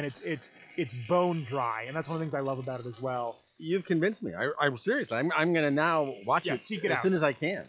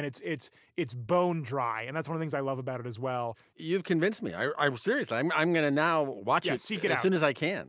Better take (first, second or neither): second